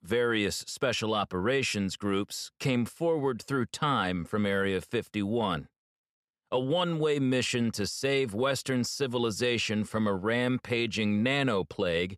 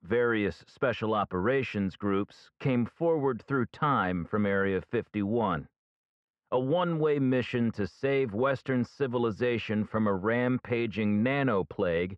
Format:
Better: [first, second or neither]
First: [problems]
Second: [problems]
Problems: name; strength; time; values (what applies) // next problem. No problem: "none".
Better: first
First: none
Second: muffled; very; fading above 1.5 kHz